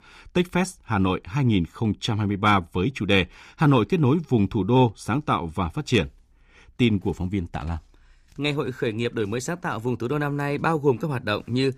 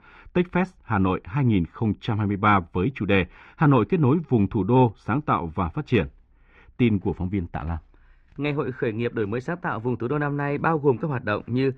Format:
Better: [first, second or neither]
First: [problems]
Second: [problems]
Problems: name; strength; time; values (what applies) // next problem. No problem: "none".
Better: first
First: none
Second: muffled; very; fading above 2 kHz